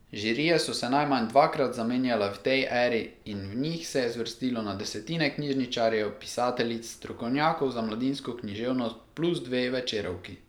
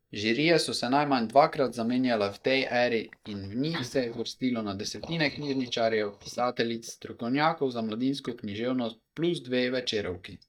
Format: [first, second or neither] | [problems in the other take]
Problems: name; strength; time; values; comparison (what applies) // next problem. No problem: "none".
first | noise reduction (neural mask model DeepFilterNet 3)